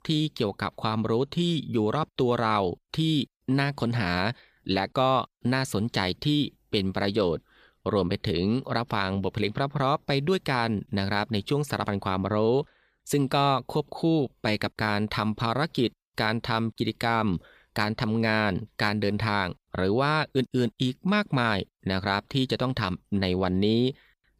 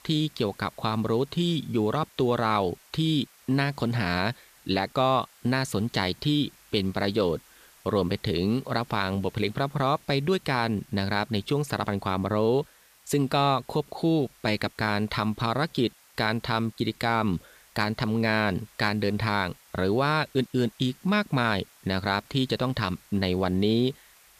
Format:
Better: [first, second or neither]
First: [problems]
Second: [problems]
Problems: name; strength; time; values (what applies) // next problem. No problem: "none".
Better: first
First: none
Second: hiss; faint; throughout; 25 dB below the speech